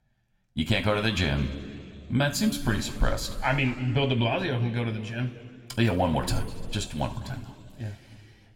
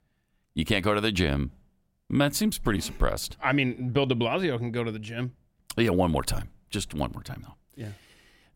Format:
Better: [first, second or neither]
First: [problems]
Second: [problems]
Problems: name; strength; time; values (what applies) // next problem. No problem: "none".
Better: second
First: room echo; slight; dies away in 1.9 s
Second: none